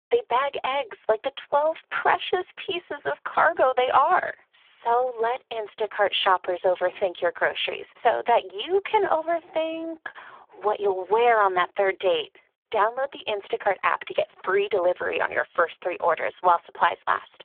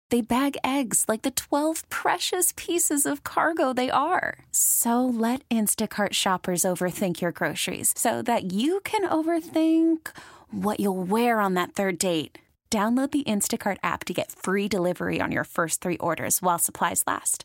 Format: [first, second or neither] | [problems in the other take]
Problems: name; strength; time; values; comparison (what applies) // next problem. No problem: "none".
second | phone-call audio; poor line; nothing above 3.5 kHz